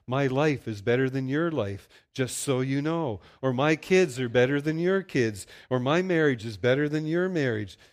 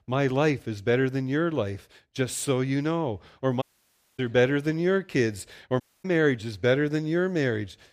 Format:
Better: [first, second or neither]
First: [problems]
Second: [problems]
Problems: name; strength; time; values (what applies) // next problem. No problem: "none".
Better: first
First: none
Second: audio cutting out; at 3.5 s for 0.5 s and at 6 s